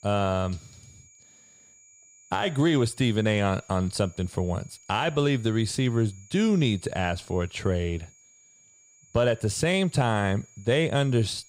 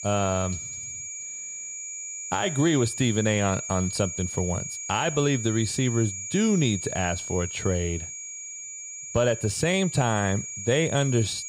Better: first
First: high-pitched whine; faint; throughout; 6.5 kHz, 25 dB below the speech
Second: high-pitched whine; loud; throughout; 6.5 kHz, 7 dB below the speech

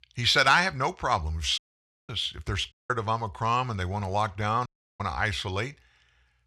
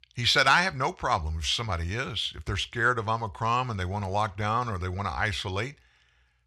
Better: second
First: audio cutting out; at 1.5 s for 0.5 s, at 2.5 s and at 4.5 s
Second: none

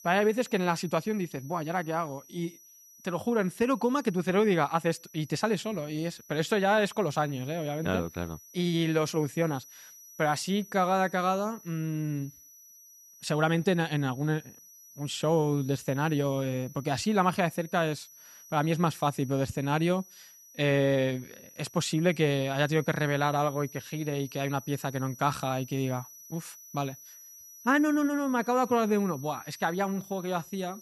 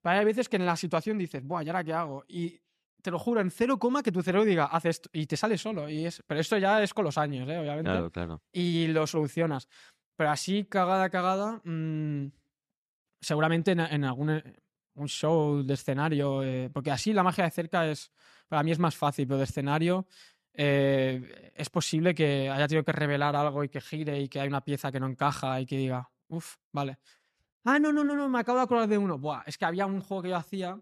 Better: second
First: high-pitched whine; noticeable; throughout; 6 kHz, 20 dB below the speech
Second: none

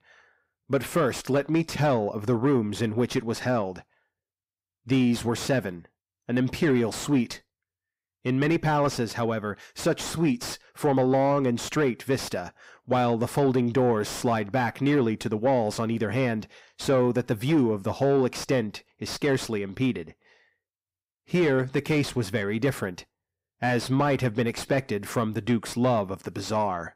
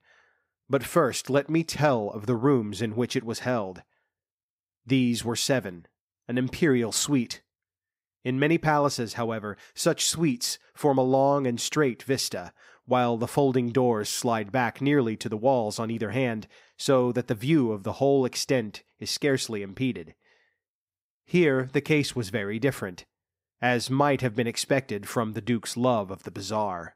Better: second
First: distortion; slight; 10 dB below the speech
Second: none

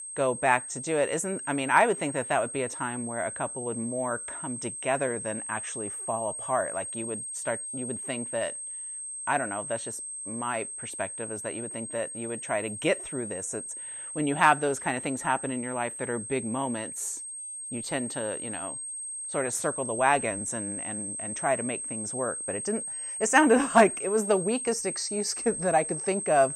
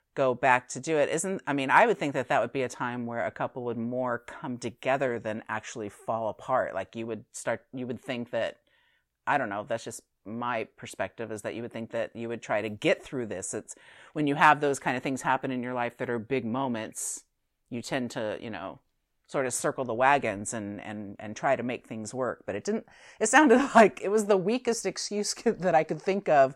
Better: second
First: high-pitched whine; loud; throughout; 8.5 kHz, 5 dB below the speech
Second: none

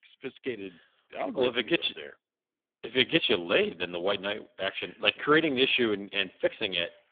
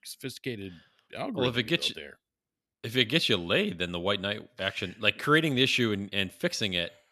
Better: second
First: phone-call audio; poor line; nothing above 3.5 kHz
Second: none

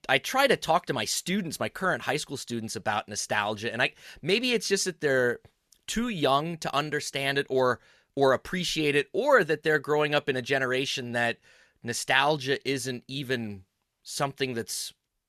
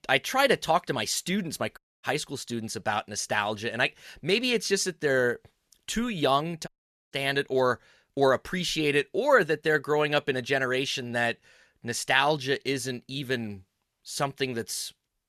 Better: first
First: none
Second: audio cutting out; at 2 s and at 6.5 s

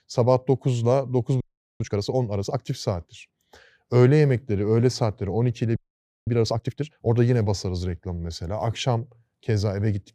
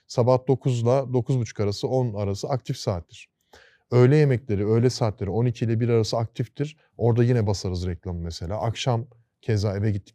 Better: second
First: audio freezing; at 1.5 s and at 6 s for 0.5 s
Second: none

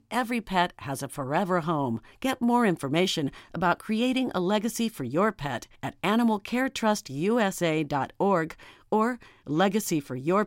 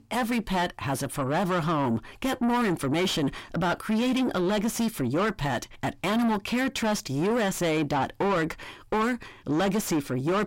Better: first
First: none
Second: distortion; heavy; 5 dB below the speech

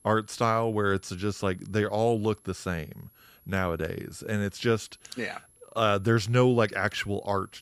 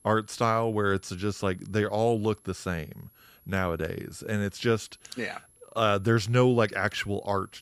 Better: neither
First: high-pitched whine; faint; throughout; 11 kHz, 30 dB below the speech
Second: high-pitched whine; faint; throughout; 11 kHz, 30 dB below the speech

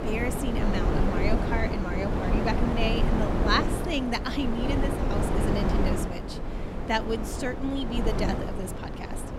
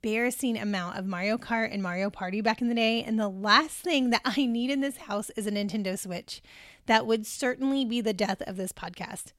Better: second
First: wind noise on the microphone; heavy; 1 dB below the speech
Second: none

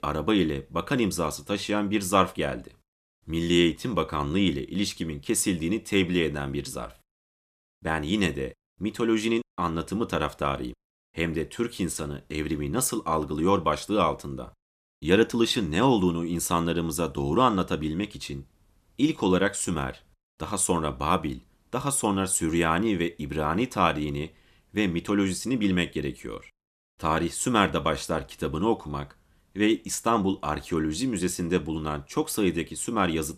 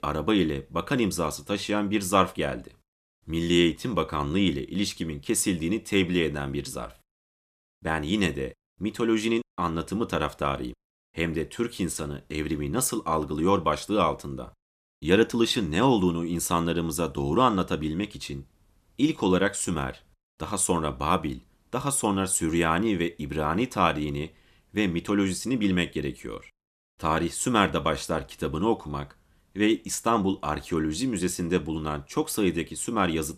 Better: neither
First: none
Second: none

